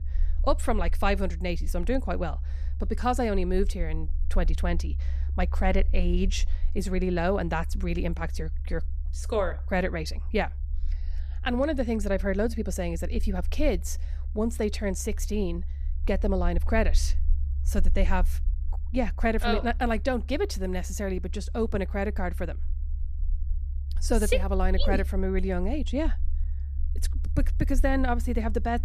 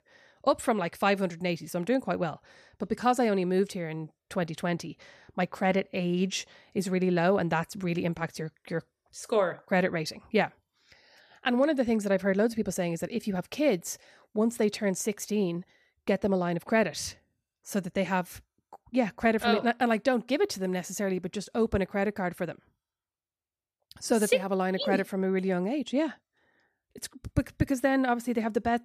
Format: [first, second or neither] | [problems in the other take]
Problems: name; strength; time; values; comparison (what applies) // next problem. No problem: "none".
second | low rumble; faint; throughout; 20 dB below the speech